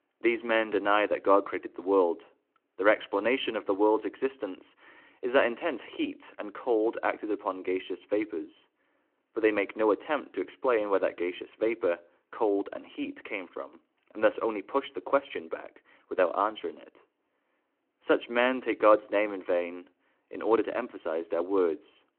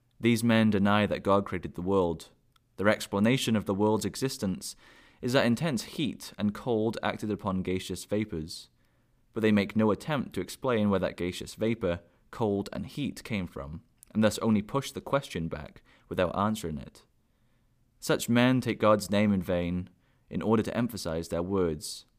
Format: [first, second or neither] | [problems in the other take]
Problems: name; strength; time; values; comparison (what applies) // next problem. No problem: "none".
second | phone-call audio